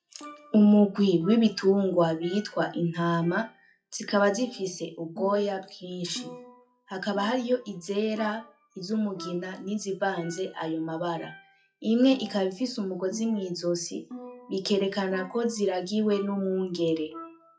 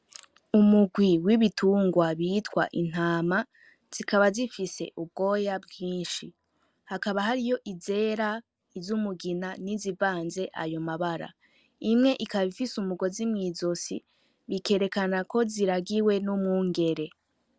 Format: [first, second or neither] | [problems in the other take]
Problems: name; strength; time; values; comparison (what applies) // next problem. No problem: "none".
second | noise reduction (classical method WPE with log-MMSE)